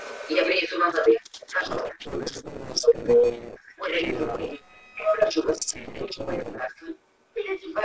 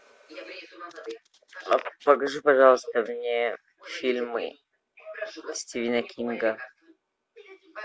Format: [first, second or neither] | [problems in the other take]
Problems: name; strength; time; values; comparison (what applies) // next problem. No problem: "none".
second | noise reduction (neural separator model SepFormer DNS4)